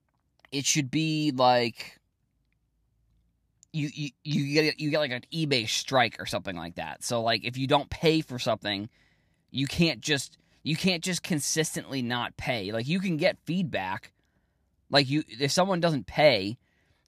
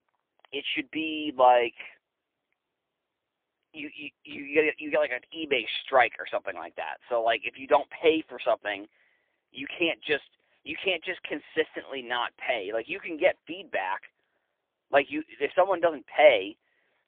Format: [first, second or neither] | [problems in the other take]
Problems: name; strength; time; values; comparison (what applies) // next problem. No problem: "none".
first | phone-call audio; poor line; nothing above 3.5 kHz